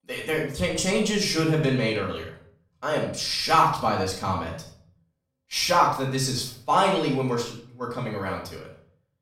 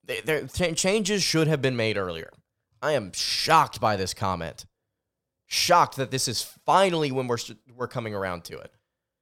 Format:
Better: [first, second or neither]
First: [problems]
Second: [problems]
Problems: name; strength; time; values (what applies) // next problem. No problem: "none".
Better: second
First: off-mic speech; far // room echo; noticeable; dies away in 0.4 s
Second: none